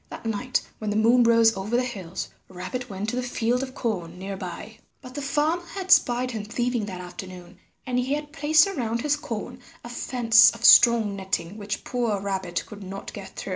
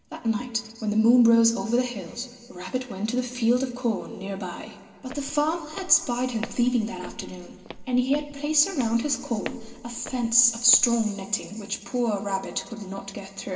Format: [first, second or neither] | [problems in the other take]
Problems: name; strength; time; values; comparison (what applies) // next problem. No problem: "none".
first | background sound (Walk, footsteps); 16 dB below the speech // room echo; dies away in 2.3 s